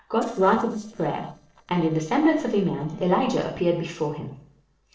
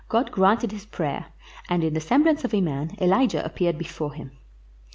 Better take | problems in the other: second | noise reduction (neural separator model SepFormer DNS4)

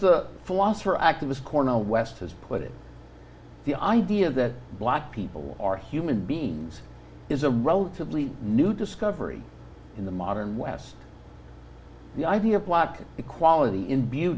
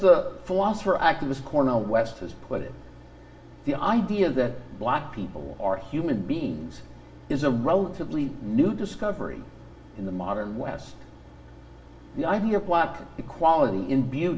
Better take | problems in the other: first | room echo; dies away in 0.9 s

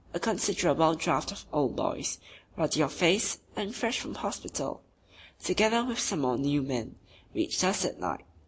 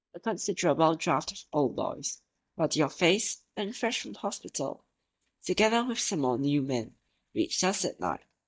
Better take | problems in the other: first | noise reduction (neural mask model DeepFilterNet 3)

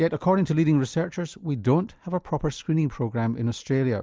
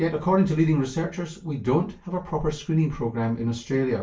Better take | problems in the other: first | room echo; dies away in 0.3 s

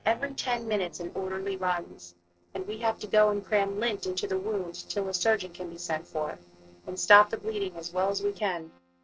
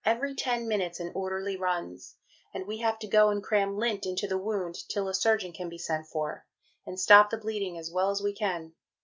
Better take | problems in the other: second | noise reduction (neural separator model SepFormer DNS4)

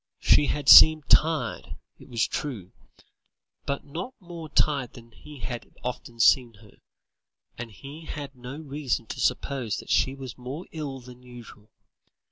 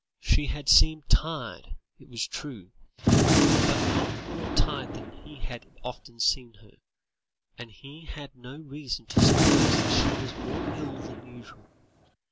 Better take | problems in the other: first | background sound (Gunshot, gunfire); 4 dB above the speech

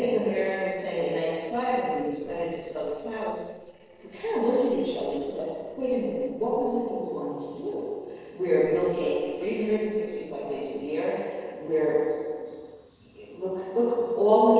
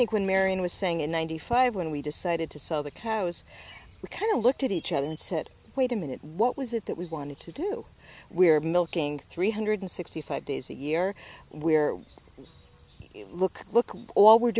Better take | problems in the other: second | noise reduction (neural separator model SepFormer DNS4)

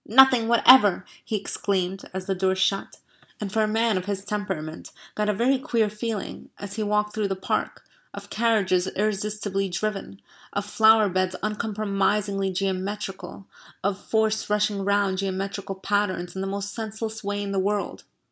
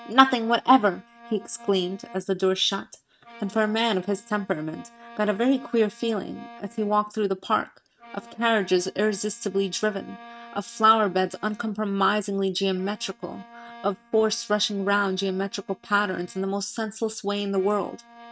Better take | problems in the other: first | noise reduction (neural mask model RNNoise)

